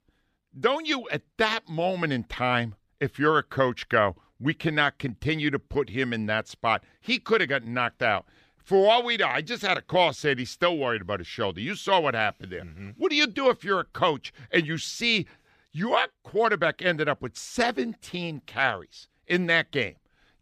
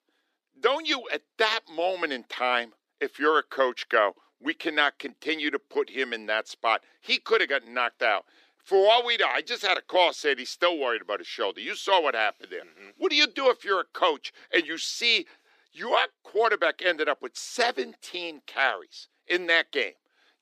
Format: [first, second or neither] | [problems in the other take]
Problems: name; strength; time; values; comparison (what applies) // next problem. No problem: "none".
first | thin; somewhat; fading below 300 Hz